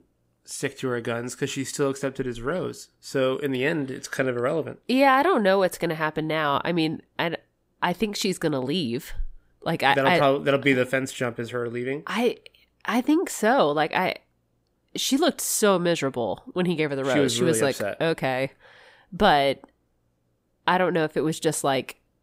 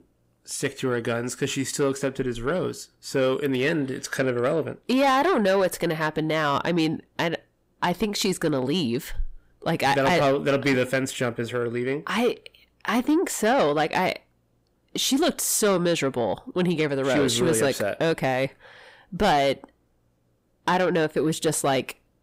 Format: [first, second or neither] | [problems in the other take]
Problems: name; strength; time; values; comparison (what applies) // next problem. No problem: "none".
first | distortion; slight; 10 dB below the speech